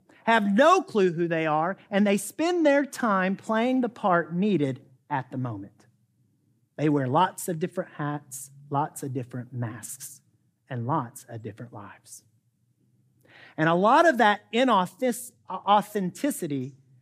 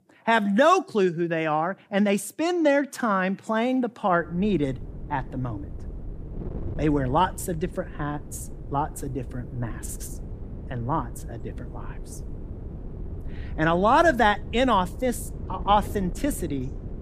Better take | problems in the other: first | wind noise on the microphone; occasional gusts; from 4 s on; 25 dB below the speech

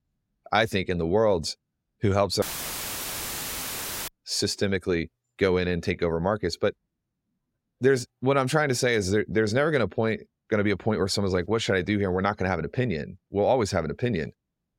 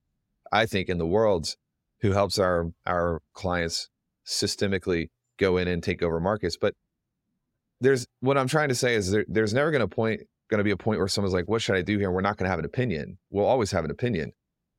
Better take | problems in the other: second | audio cutting out; filled with static; at 2.5 s for 1.5 s

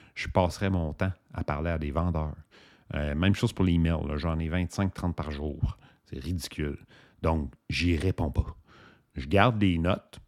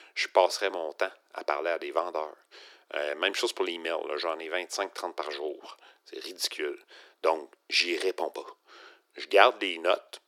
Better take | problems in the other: first | thin; very; fading below 350 Hz

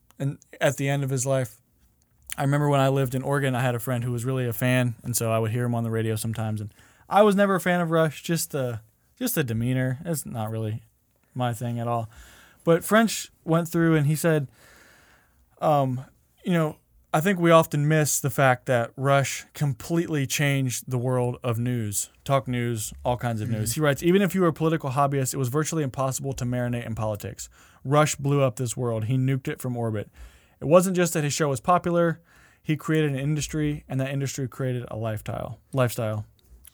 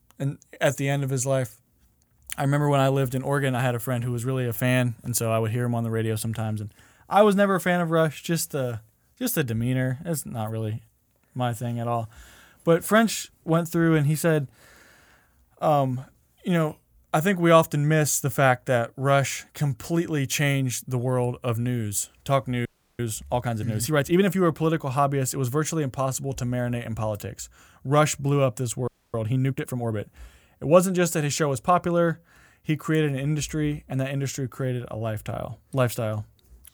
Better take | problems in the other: first | audio freezing; at 23 s and at 29 s

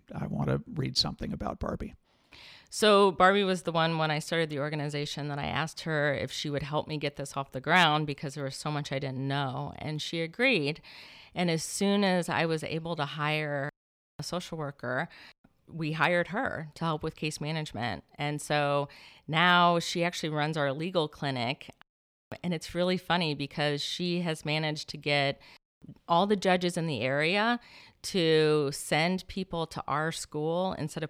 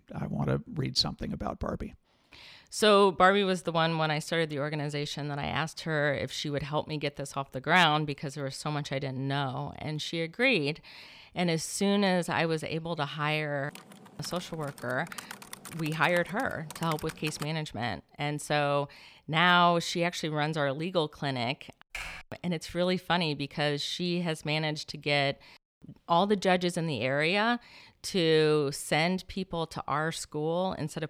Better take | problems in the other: first | keyboard typing; faint; from 14 to 17 s; peak 10 dB below the speech // keyboard typing; noticeable; at 22 s; peak 10 dB below the speech

